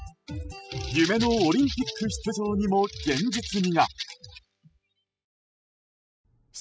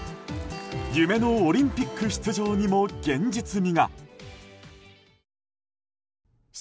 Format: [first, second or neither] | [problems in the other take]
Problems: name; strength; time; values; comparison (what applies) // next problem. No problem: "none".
second | noise reduction (classical method spectral subtraction)